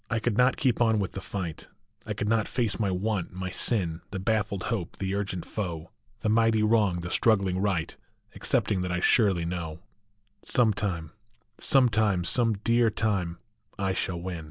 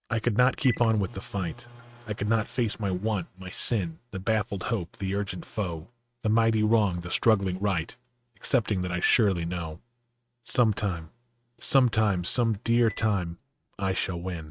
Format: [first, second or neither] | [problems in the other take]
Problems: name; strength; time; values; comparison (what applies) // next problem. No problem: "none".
first | noise reduction (neural mask model RNNoise)